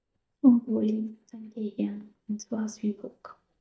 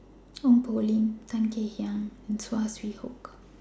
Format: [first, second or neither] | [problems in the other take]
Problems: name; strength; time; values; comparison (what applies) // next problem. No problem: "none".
second | noise reduction (neural mask model DeepFilterNet 3)